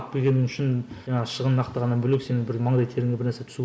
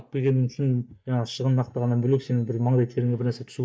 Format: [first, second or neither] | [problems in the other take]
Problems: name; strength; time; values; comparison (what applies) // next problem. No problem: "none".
first | noise reduction (neural mask model DeepFilterNet 3)